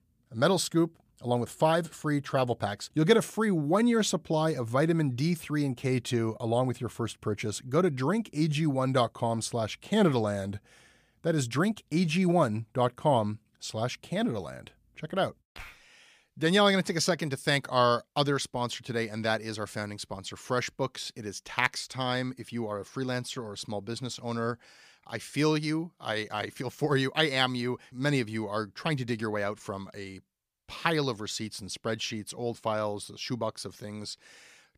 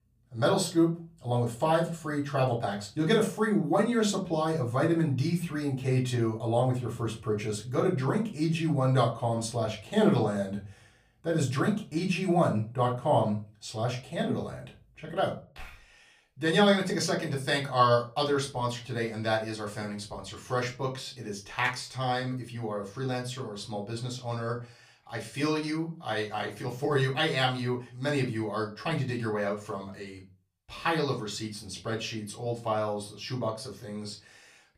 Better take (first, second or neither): first